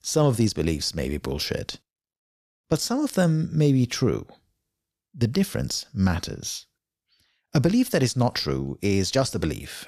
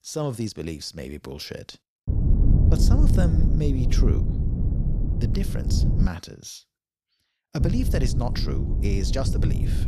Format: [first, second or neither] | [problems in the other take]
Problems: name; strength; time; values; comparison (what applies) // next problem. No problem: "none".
first | low rumble; loud; from 2 to 6 s and from 7.5 s on; 3 dB below the speech